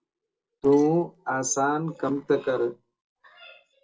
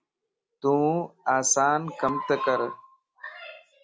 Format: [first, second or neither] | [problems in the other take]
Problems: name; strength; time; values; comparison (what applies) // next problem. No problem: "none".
second | noise reduction (neural separator model SepFormer DNS4)